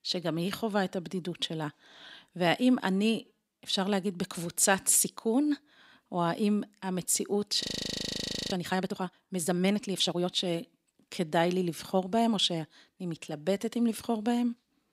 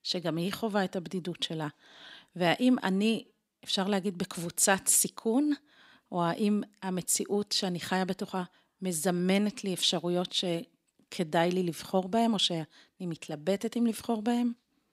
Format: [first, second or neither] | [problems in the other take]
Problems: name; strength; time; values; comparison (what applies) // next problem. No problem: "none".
second | audio freezing; at 7.5 s for 1 s